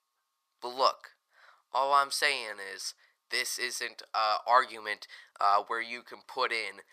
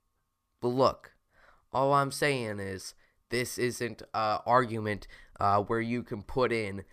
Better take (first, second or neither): second